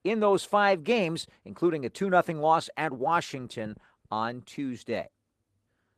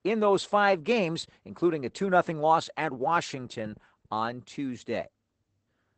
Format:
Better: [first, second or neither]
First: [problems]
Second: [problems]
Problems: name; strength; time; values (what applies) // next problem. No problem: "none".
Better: first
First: garbled, watery; slightly; nothing above 14.5 kHz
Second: garbled, watery; badly; nothing above 8 kHz